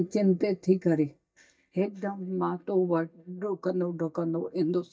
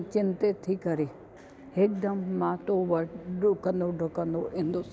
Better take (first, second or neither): second